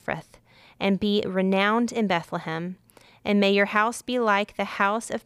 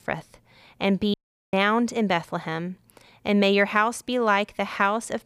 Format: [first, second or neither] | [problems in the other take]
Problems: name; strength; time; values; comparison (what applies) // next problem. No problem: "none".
first | audio cutting out; at 1 s